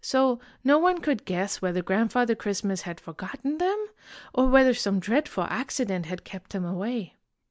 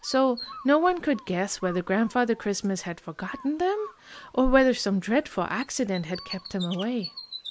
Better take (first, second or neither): first